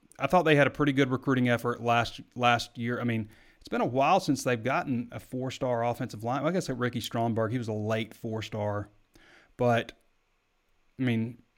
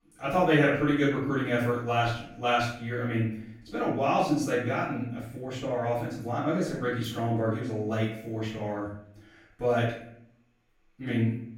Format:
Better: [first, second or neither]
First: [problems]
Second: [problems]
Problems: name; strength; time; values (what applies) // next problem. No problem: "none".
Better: first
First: none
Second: off-mic speech; far // room echo; noticeable; dies away in 0.6 s